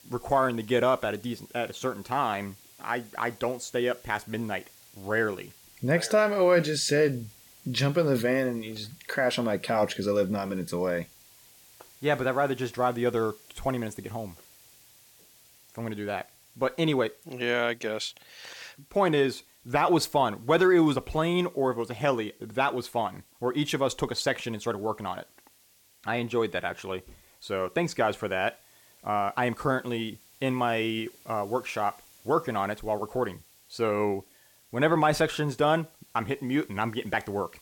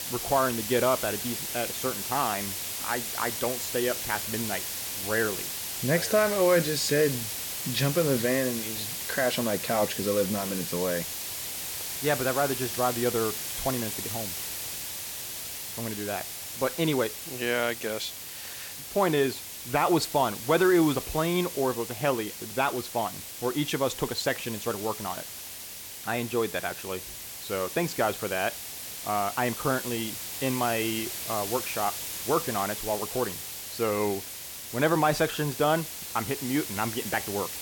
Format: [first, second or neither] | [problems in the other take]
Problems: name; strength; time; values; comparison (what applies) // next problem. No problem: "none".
first | hiss; loud; throughout; 5 dB below the speech; faint in the first